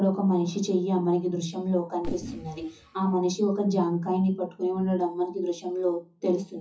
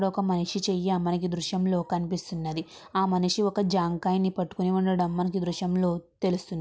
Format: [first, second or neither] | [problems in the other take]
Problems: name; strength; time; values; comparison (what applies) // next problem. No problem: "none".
second | noise reduction (classical method WPE with log-MMSE)